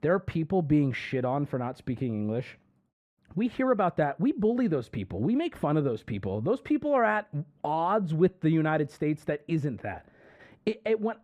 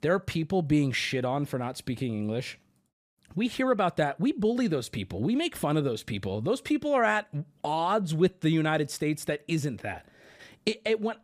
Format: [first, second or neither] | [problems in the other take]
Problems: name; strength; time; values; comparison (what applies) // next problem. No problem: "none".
second | muffled; very; fading above 3 kHz